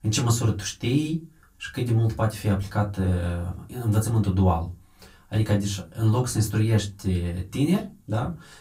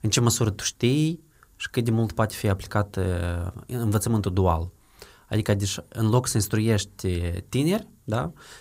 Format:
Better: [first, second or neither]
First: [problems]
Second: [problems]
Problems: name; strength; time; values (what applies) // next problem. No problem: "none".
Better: second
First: off-mic speech; far // room echo; very slight; dies away in 0.2 s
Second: none